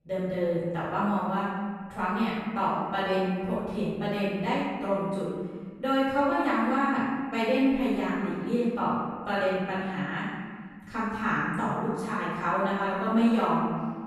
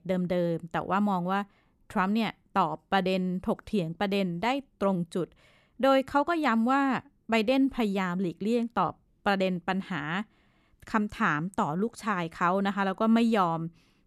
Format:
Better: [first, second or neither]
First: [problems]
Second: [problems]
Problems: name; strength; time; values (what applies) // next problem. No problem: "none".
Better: second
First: room echo; strong; dies away in 1.5 s // off-mic speech; far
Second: none